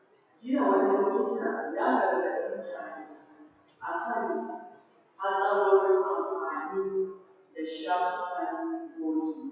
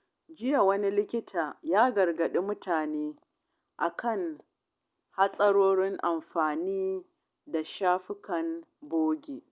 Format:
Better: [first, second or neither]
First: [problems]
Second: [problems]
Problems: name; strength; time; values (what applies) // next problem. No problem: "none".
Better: second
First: noise reduction (classical method WPE with log-MMSE)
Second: none